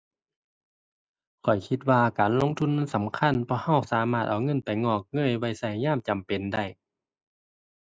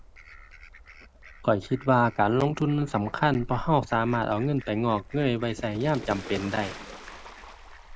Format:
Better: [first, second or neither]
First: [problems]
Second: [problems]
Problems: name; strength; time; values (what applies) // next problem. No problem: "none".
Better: first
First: none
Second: background sound (Fowl); 15 dB below the speech